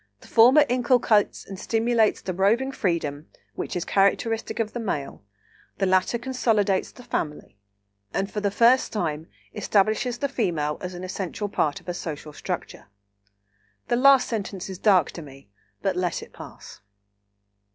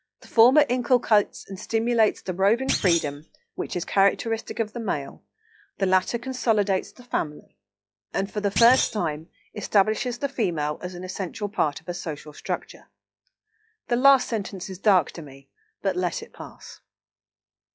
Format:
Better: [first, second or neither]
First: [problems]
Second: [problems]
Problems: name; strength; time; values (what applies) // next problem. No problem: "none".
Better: first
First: none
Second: noise reduction (classical method log-MMSE)